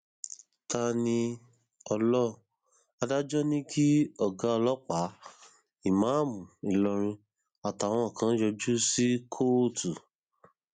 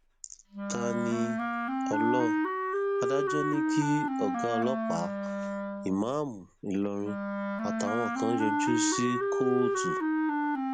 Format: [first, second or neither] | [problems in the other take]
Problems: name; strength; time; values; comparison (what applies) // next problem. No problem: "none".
first | background sound (Wind instrument, woodwind instrument); 2 dB above the speech